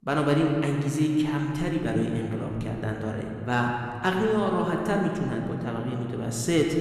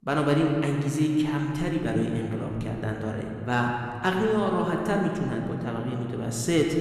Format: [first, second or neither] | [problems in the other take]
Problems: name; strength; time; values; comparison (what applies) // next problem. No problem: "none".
neither | room echo; noticeable; dies away in 2.4 s; the same in both